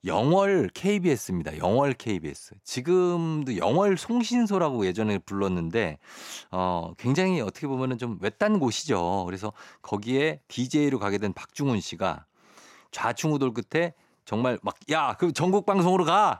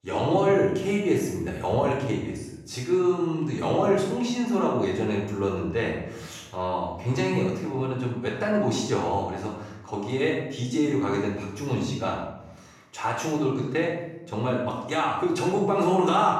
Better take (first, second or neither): first